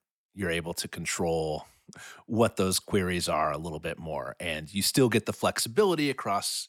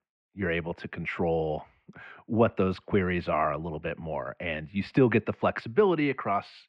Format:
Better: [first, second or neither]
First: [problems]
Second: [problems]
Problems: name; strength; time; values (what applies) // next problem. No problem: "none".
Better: first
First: none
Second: muffled; very; fading above 2.5 kHz